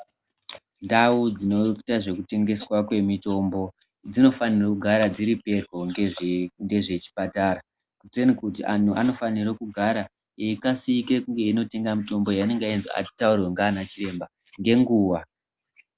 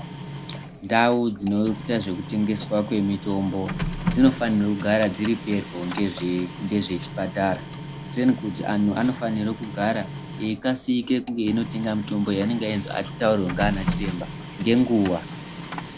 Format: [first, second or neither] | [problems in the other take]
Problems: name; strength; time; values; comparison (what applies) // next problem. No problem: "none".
first | background sound (Printer); 9 dB below the speech